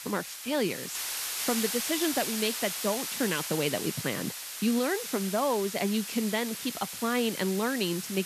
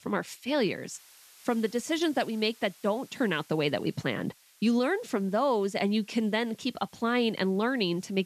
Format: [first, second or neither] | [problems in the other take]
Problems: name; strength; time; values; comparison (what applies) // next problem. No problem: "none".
second | hiss; loud; throughout; 3 dB below the speech; faint in the second